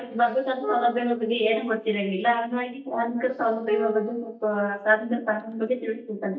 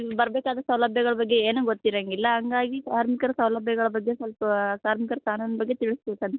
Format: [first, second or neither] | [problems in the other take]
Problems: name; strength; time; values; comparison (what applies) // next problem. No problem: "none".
second | noise reduction (neural mask model DeepFilterNet 3)